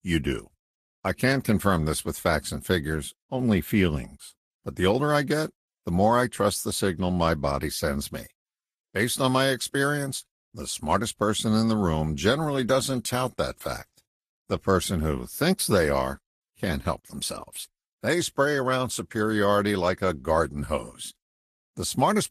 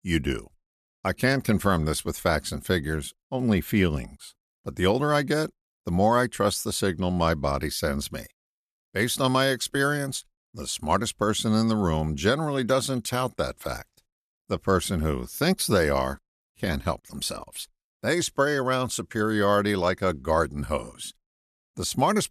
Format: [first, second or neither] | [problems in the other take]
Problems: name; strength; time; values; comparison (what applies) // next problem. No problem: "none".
second | garbled, watery; slightly; nothing above 14 kHz